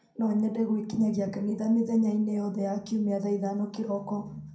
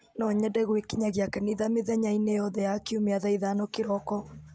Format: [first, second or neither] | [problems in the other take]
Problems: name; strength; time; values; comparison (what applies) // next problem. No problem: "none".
second | room echo; dies away in 0.6 s